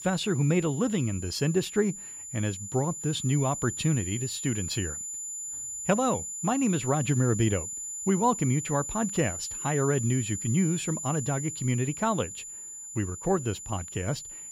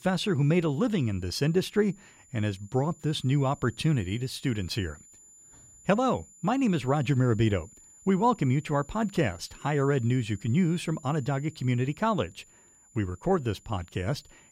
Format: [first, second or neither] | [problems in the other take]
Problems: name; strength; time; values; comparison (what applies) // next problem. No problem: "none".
second | high-pitched whine; loud; throughout; 7 kHz, 6 dB below the speech; faint in the second